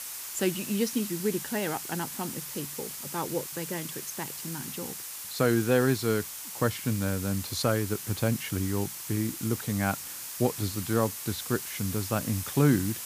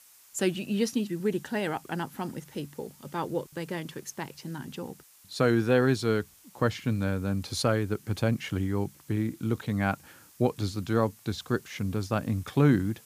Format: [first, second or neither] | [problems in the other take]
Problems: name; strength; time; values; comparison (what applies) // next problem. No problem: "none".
second | hiss; loud; throughout; 6 dB below the speech; faint in the second